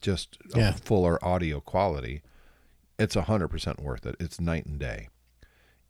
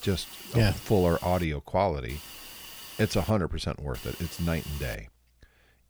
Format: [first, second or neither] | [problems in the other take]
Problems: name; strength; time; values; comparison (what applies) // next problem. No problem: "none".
first | hiss; noticeable; until 1.5 s, from 2 to 3.5 s and from 4 to 5 s; 15 dB below the speech